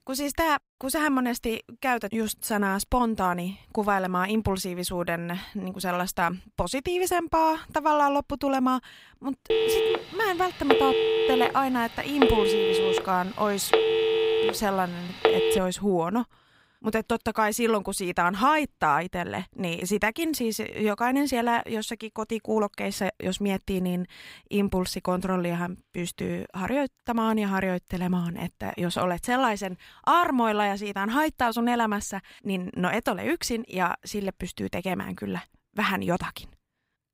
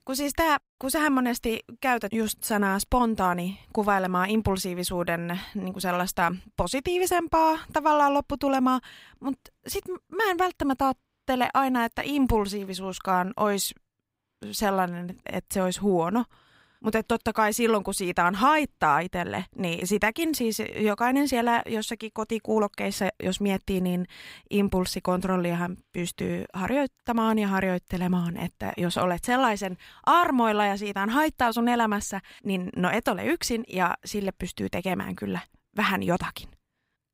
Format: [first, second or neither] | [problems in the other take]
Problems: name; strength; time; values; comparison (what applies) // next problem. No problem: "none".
second | phone ringing; loud; from 9.5 to 16 s; peak 5 dB above the speech